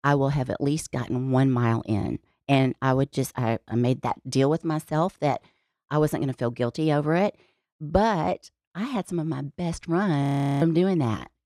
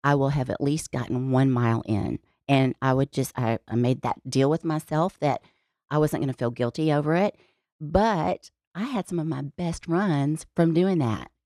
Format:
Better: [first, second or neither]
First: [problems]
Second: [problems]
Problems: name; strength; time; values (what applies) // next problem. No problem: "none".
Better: second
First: audio freezing; at 10 s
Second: none